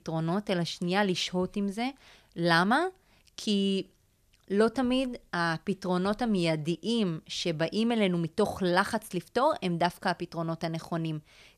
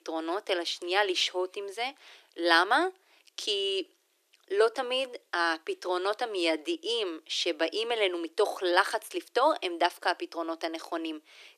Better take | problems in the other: first | thin; very; fading below 300 Hz

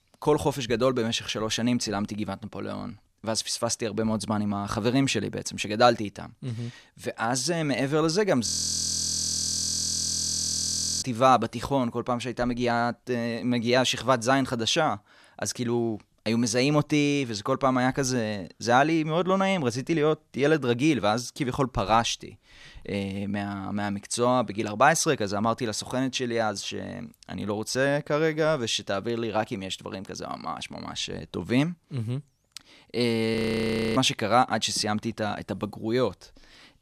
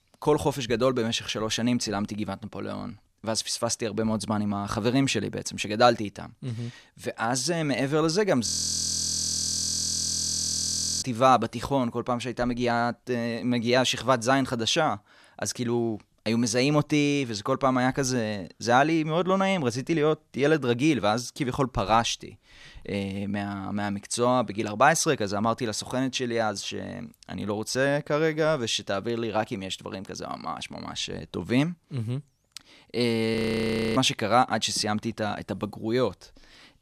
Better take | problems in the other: neither | audio freezing; at 8.5 s for 2.5 s and at 33 s for 0.5 s; the same in both

